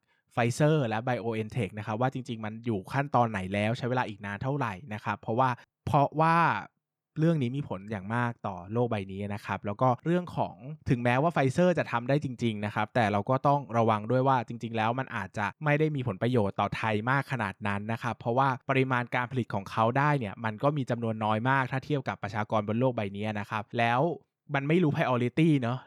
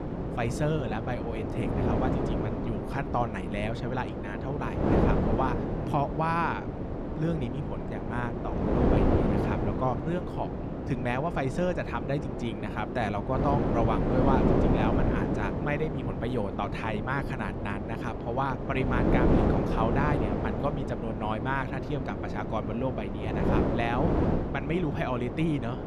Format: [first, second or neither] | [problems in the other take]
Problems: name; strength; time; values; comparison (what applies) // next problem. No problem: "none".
first | wind noise on the microphone; heavy; 1 dB below the speech